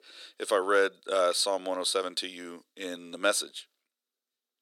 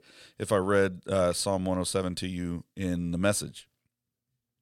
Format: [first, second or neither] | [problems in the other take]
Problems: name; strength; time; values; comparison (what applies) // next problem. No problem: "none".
second | thin; somewhat; fading below 300 Hz